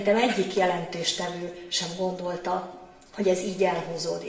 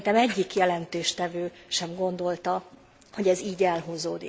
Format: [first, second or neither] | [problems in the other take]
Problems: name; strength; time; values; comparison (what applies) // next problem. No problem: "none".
second | room echo; dies away in 0.8 s